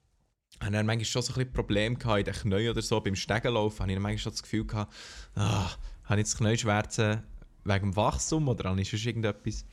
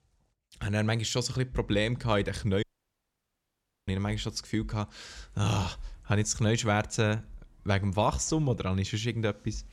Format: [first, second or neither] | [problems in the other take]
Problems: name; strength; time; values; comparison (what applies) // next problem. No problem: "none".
first | audio cutting out; at 2.5 s for 1.5 s